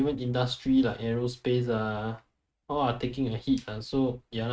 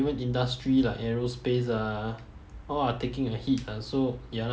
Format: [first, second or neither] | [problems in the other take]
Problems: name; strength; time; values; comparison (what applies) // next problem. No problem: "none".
second | noise reduction (neural mask model RNNoise)